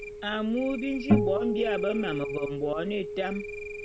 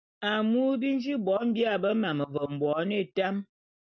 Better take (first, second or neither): second